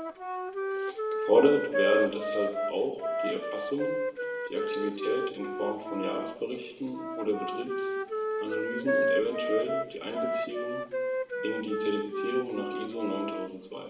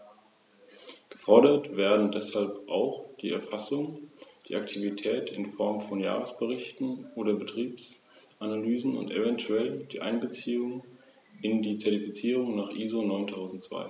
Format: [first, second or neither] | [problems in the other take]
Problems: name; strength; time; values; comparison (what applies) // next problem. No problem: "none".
second | background sound (Wind instrument, woodwind instrument); as loud as the speech // room echo; dies away in 2.5 s